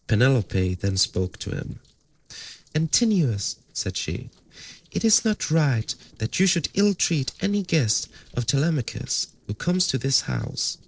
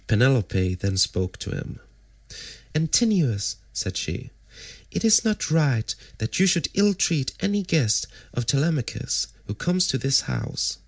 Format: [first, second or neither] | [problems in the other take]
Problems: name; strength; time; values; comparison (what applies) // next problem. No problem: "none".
second | noise reduction (neural separator model SepFormer DNS4)